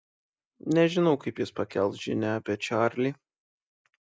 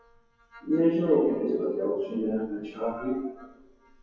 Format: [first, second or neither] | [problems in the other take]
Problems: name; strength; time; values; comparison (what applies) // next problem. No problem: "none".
first | noise reduction (classical method WPE with log-MMSE)